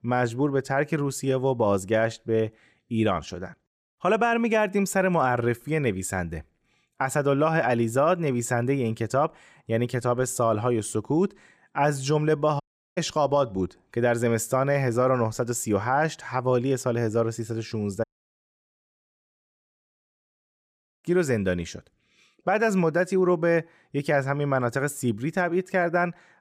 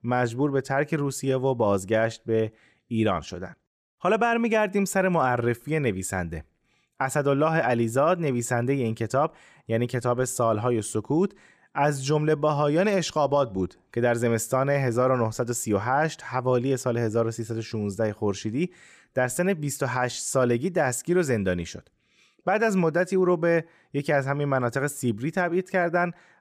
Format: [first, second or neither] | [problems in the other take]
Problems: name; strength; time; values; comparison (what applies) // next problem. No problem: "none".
second | audio cutting out; at 13 s and at 18 s for 3 s